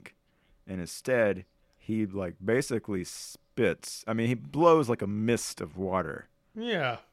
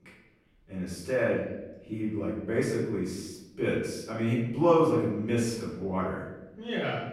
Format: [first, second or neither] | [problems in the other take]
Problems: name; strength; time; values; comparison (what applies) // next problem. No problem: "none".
first | off-mic speech; far // room echo; noticeable; dies away in 0.9 s